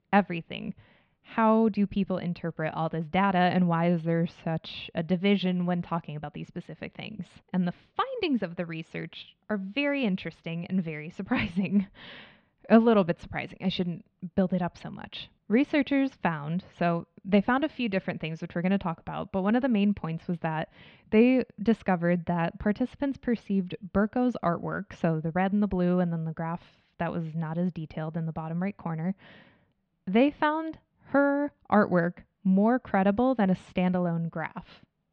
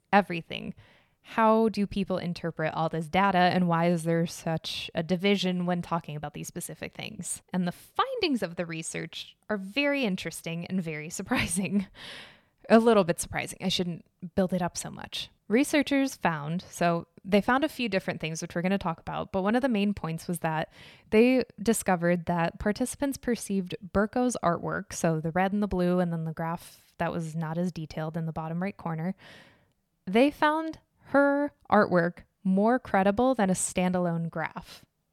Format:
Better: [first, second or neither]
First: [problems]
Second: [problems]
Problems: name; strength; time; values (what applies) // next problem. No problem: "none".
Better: second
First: muffled; slightly; fading above 3.5 kHz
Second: none